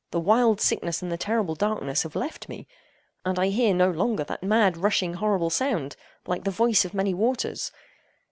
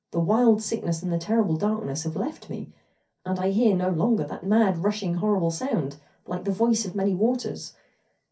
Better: first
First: none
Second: room echo; dies away in 0.3 s

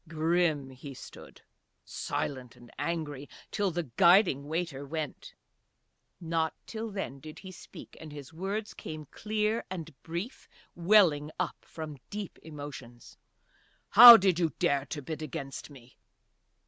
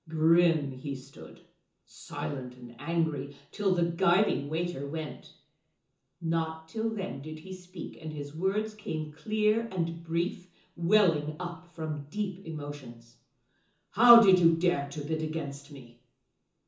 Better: first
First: none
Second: room echo; dies away in 0.6 s

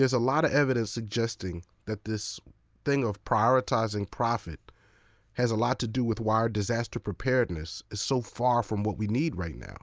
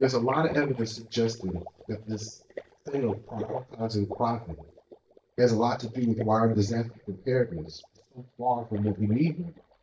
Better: first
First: none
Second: noise reduction (neural mask model DeepFilterNet 3)

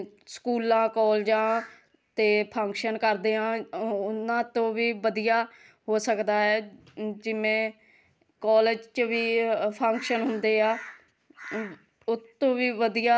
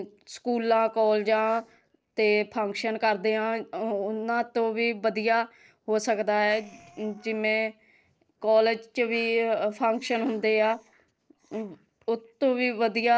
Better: first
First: none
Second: noise reduction (neural separator model SepFormer DNS4)

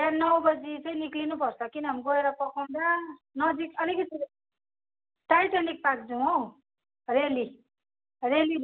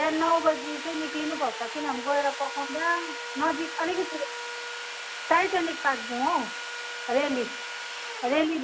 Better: first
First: none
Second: background sound (Sawing); 7 dB below the speech

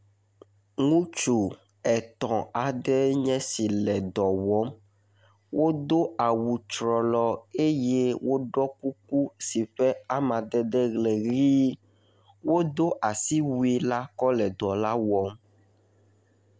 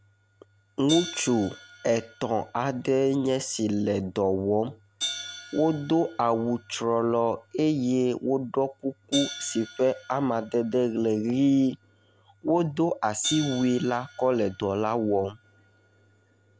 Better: first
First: none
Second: background sound (Hi-hat); 16 dB below the speech

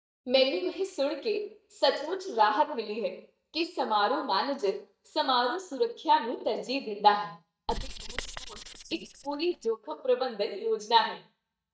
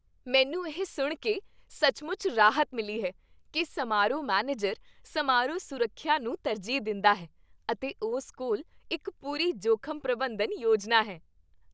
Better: second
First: noise reduction (neural mask model DeepFilterNet 3)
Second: none

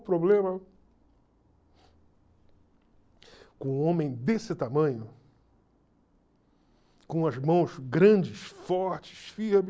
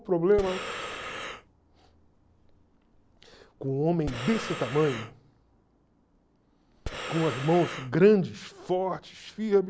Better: first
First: none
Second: background sound (Breathing); 9 dB below the speech

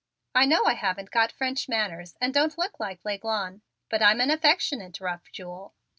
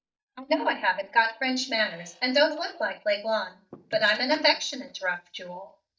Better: first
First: none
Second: noise reduction (neural mask model DeepFilterNet 3)

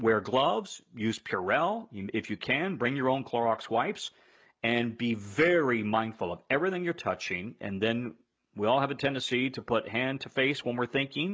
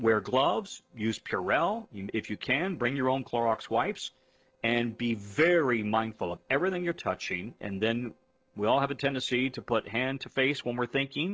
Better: first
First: none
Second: noise reduction (neural separator model SepFormer DNS4)

